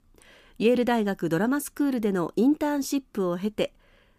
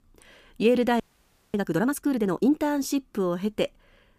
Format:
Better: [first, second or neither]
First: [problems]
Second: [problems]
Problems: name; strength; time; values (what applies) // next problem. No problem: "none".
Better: first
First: none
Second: audio freezing; at 1 s for 0.5 s